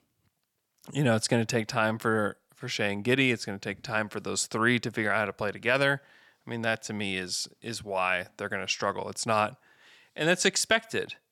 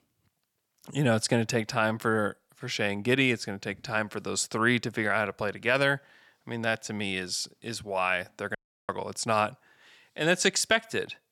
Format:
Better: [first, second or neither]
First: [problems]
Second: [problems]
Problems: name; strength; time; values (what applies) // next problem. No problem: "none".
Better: first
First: none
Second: audio cutting out; at 8.5 s